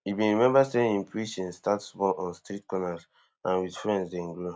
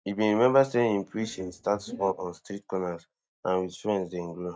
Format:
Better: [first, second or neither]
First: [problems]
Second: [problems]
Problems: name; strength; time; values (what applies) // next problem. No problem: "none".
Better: first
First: none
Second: noise reduction (neural mask model DeepFilterNet 3)